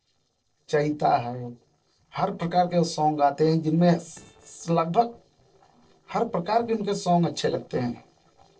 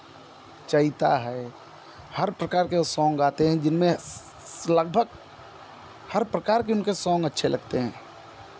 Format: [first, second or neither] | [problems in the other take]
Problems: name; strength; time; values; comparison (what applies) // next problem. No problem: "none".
second | noise reduction (neural separator model SepFormer DNS4)